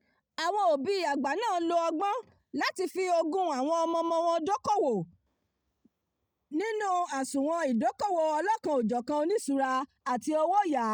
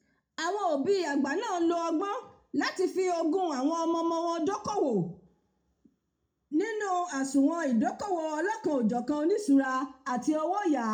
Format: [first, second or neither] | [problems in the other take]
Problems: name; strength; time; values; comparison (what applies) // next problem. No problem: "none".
first | room echo; dies away in 0.3 s